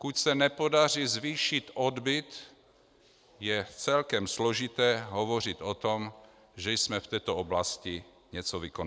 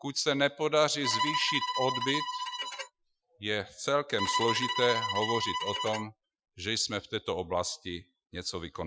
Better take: first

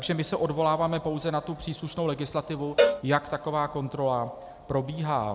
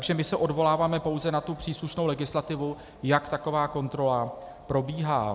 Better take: second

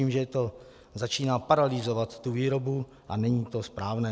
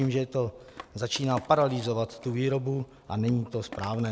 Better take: first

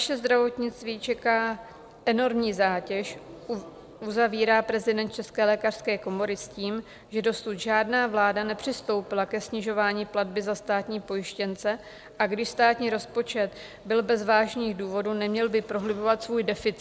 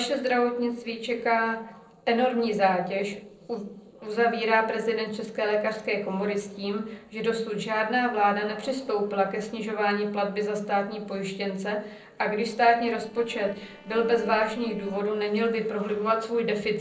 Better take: first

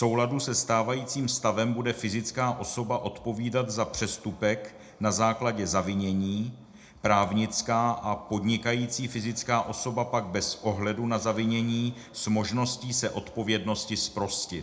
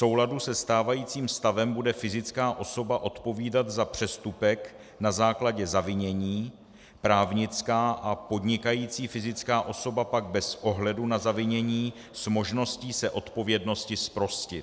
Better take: second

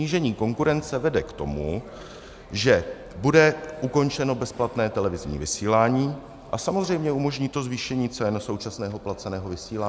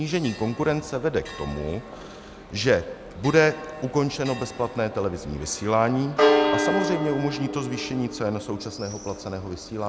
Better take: first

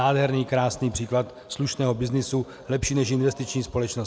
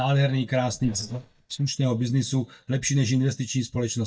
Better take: first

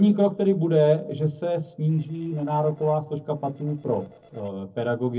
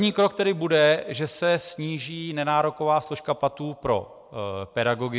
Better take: second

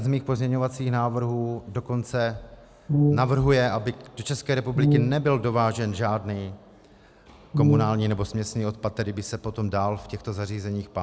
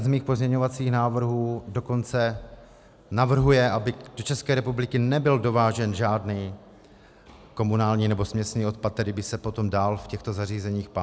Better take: second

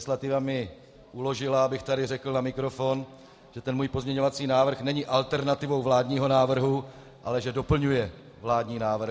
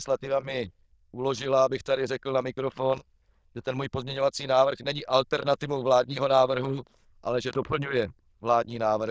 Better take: first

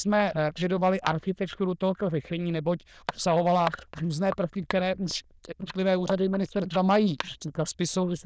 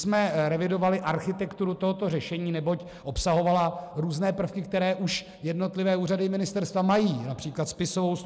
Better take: second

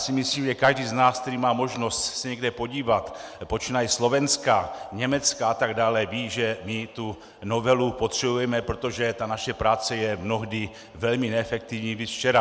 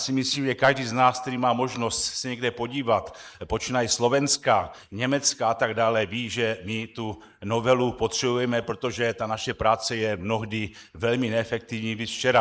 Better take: first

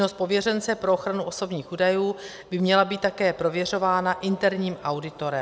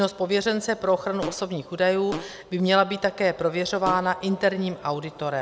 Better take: first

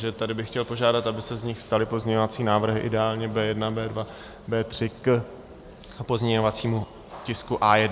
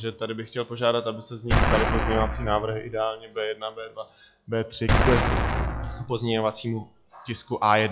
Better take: first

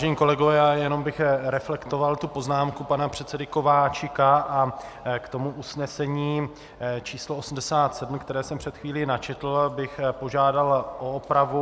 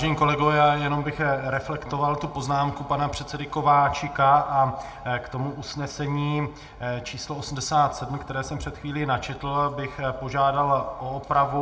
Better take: first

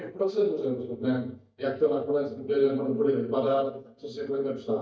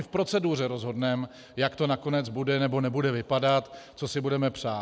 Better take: second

